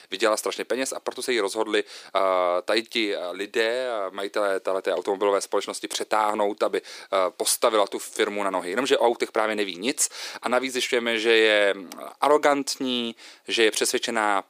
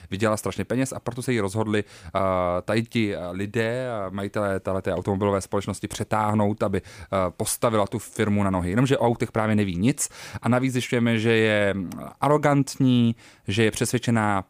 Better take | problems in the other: second | thin; somewhat; fading below 350 Hz

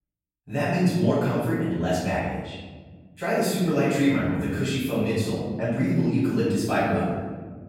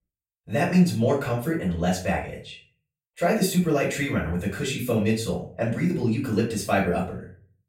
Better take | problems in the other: second | room echo; strong; dies away in 1.6 s; slight in the second // off-mic speech; far; far in the second

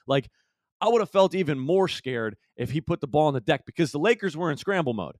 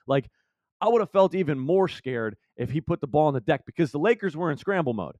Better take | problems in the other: first | muffled; slightly; fading above 2.5 kHz

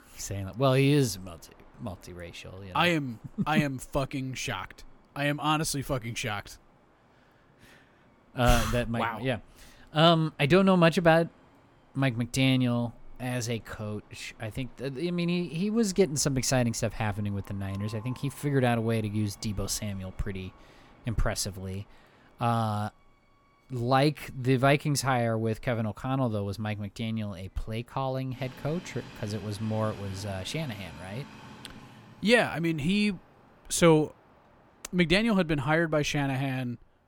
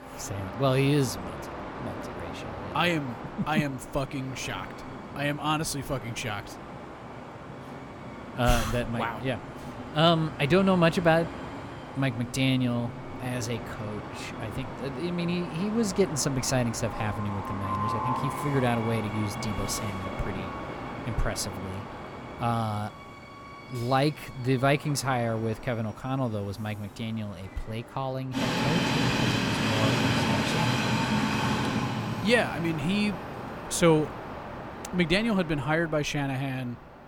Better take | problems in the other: first | train or aircraft noise; loud; throughout; 5 dB below the speech; faint in the first

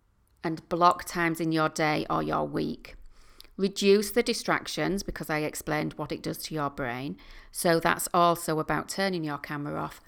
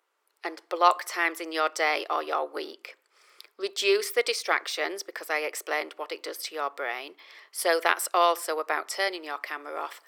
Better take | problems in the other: first | thin; very; fading below 400 Hz

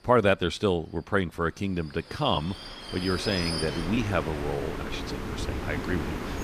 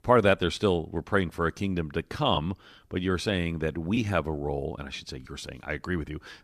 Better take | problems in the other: second | train or aircraft noise; loud; throughout; 6 dB below the speech

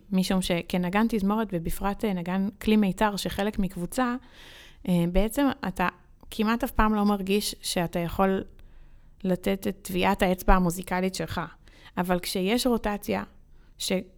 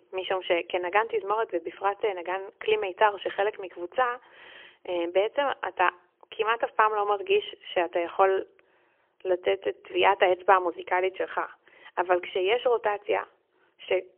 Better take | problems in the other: first | phone-call audio; poor line; nothing above 3 kHz

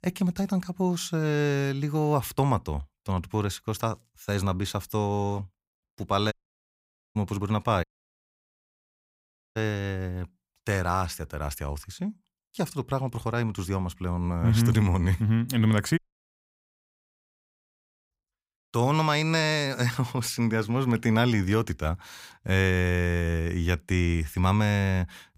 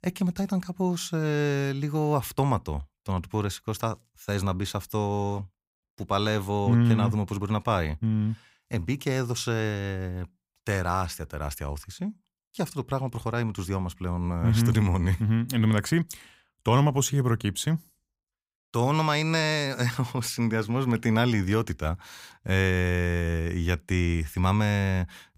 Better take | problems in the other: second | audio cutting out; at 6.5 s for 1 s, at 8 s for 1.5 s and at 16 s for 2 s

